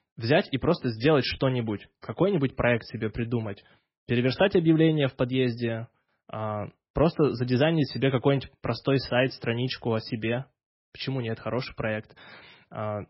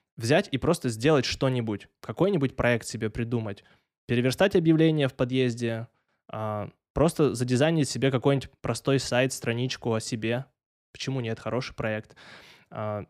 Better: second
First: garbled, watery; badly; nothing above 5.5 kHz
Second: none

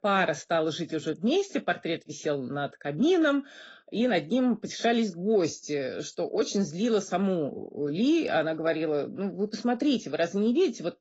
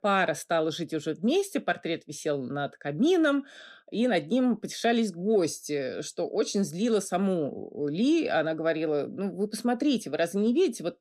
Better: second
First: garbled, watery; badly; nothing above 7.5 kHz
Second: none

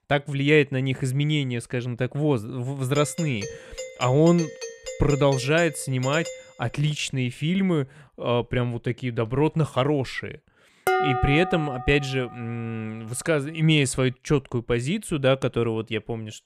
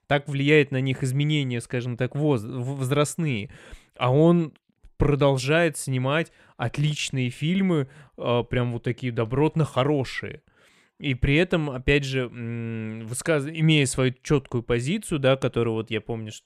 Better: second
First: doorbell; noticeable; from 3 to 6.5 s; peak 9 dB below the speech // clattering dishes; loud; from 11 to 12 s; peak 1 dB above the speech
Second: none

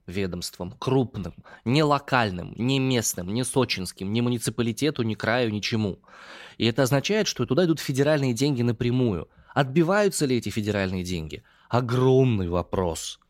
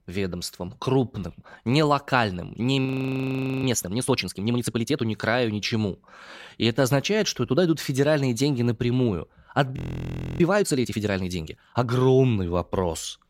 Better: first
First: none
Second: audio freezing; at 3 s for 1 s and at 10 s for 0.5 s

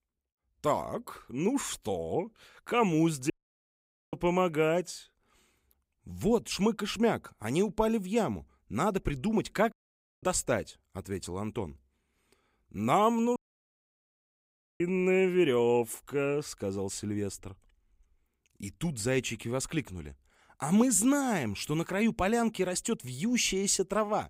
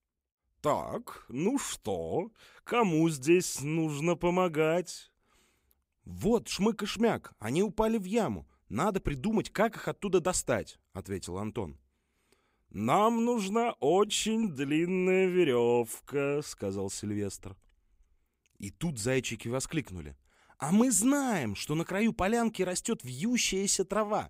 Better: second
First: audio cutting out; at 3.5 s for 1 s, at 9.5 s for 0.5 s and at 13 s for 1.5 s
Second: none

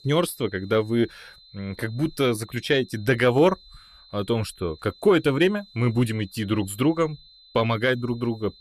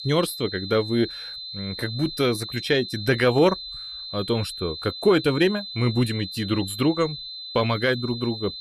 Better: first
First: high-pitched whine; faint; throughout; 4 kHz, 25 dB below the speech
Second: high-pitched whine; loud; throughout; 4 kHz, 9 dB below the speech

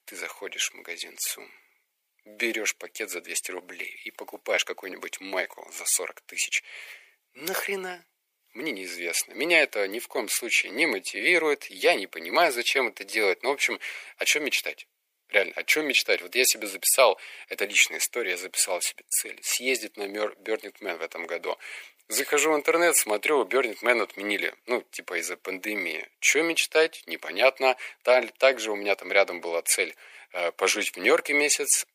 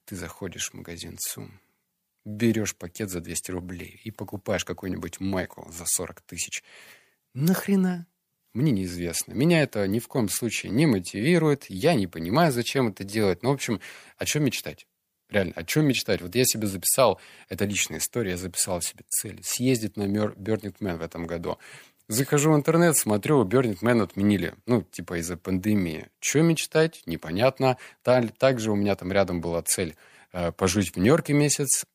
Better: second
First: thin; very; fading below 400 Hz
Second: none

